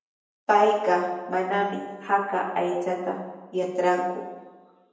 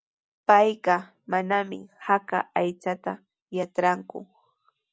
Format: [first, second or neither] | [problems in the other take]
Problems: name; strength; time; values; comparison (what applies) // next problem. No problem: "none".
second | room echo; dies away in 1 s